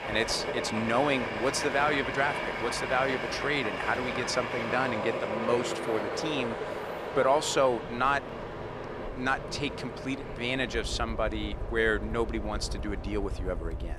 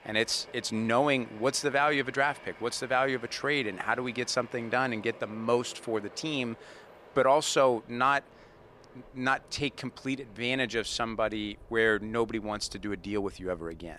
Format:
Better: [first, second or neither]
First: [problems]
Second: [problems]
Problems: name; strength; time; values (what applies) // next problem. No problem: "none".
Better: second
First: train or aircraft noise; loud; throughout; 4 dB below the speech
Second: train or aircraft noise; faint; throughout; 20 dB below the speech